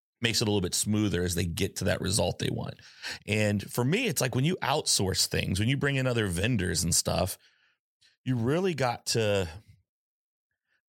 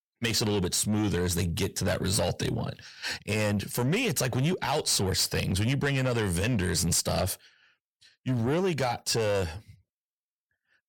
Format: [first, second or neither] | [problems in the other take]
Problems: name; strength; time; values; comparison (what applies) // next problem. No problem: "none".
first | distortion; slight; 10 dB below the speech